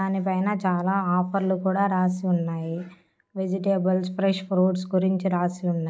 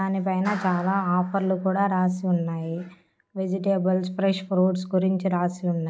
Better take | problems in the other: first | background sound (Clapping); 20 dB below the speech

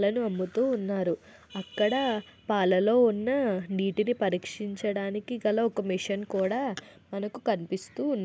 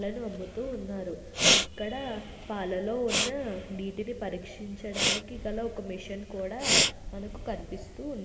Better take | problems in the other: first | background sound (Respiratory sounds); 3 dB above the speech // room echo; dies away in 2.1 s

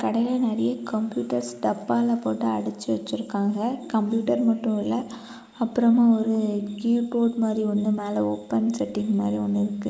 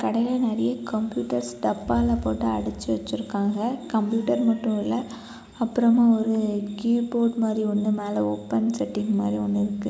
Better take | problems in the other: second | noise reduction (neural mask model Resemble Enhance denoiser)

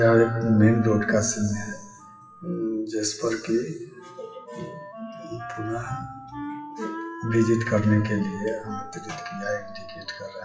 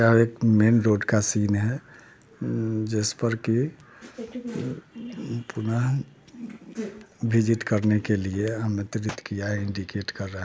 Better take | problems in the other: second | noise reduction (classical method WPE with log-MMSE)

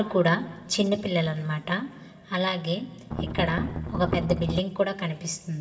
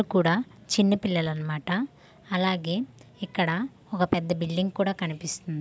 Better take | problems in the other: second | background sound (Strum); 3 dB below the speech // room echo; dies away in 2.5 s

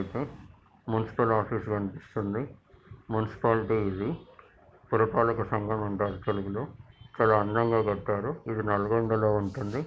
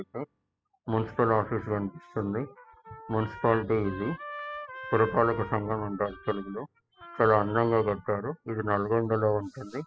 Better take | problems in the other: first | noise reduction (classical method spectral subtraction)

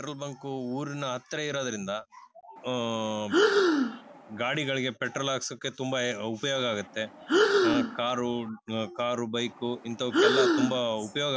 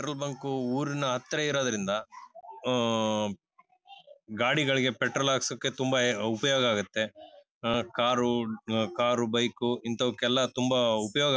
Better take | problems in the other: second | background sound (Breathing); 4 dB above the speech

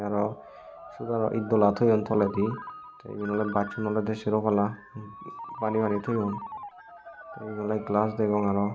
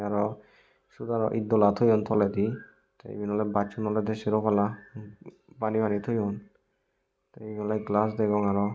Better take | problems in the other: second | background sound (Ringtone); 15 dB below the speech

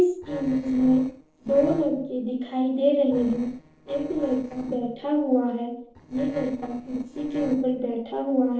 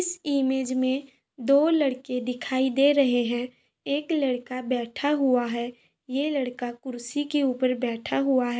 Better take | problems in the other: second | noise reduction (neural separator model SepFormer DNS4)

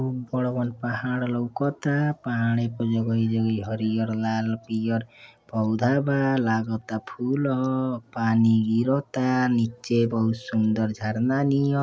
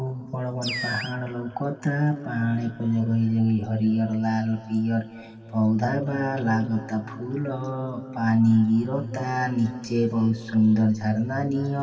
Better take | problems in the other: first | background sound (Animal); 11 dB below the speech // room echo; dies away in 2.8 s

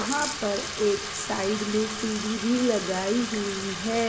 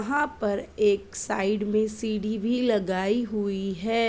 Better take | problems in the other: second | background sound (Bathtub (filling or washing)); 6 dB below the speech // room echo; dies away in 1.8 s

